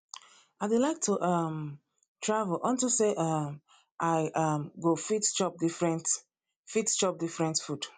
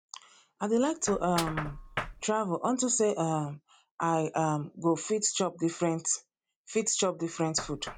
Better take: first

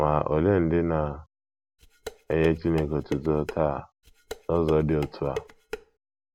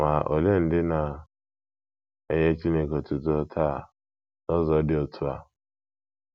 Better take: second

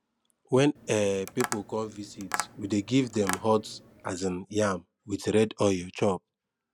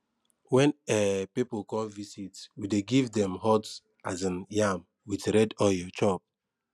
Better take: second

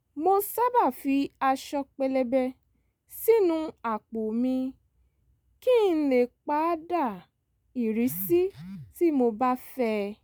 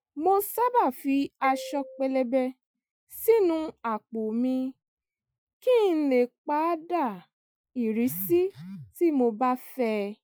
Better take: first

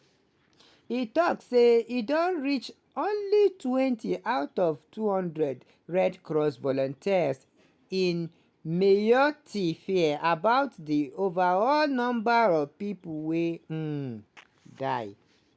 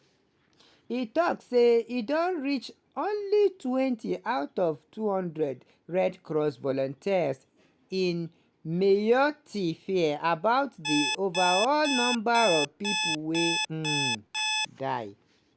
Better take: first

